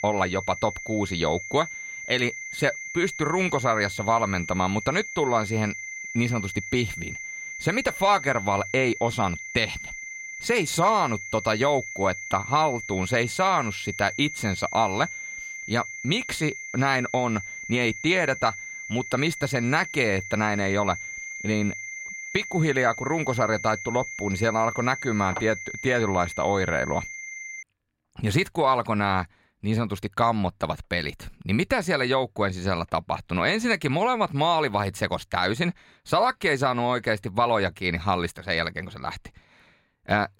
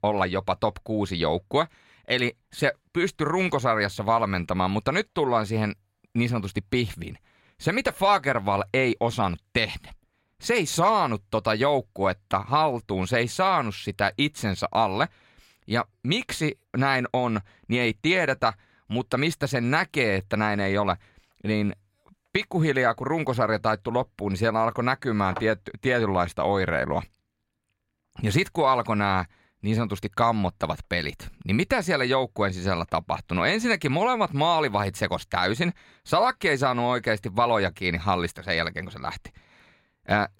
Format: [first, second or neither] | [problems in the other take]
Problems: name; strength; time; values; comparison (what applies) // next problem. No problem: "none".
second | high-pitched whine; loud; until 28 s; 2 kHz, 9 dB below the speech